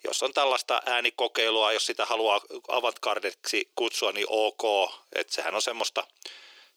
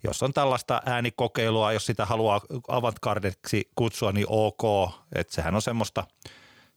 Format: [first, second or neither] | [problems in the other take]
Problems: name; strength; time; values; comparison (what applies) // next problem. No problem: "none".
second | thin; very; fading below 350 Hz